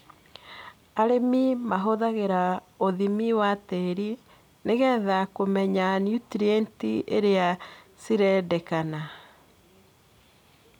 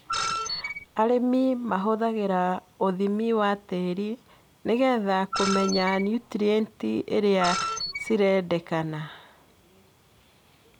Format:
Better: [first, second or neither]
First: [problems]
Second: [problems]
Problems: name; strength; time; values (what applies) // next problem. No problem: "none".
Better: first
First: none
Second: background sound (Screech); 6 dB below the speech